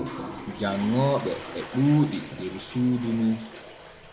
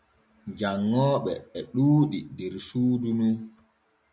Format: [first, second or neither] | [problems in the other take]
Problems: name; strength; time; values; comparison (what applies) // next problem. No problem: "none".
second | background sound (Toilet flush); 12 dB below the speech